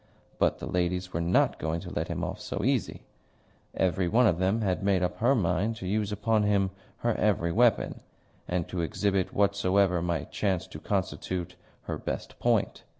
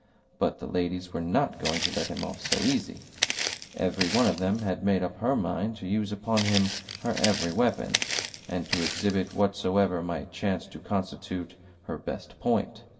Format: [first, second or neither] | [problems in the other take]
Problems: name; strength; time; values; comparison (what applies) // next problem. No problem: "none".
first | background sound (Walk, footsteps); 4 dB below the speech // room echo; dies away in 1.1 s